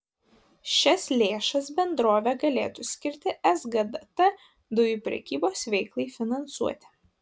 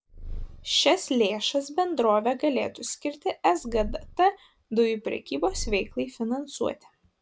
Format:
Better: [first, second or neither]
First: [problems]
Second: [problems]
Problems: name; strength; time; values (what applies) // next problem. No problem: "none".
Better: first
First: none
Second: background sound (Purr); 11 dB below the speech